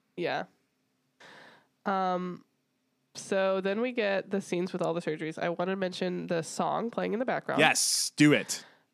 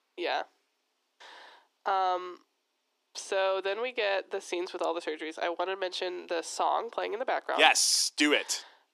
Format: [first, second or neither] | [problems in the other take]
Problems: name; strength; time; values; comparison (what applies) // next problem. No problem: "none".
first | thin; somewhat; fading below 350 Hz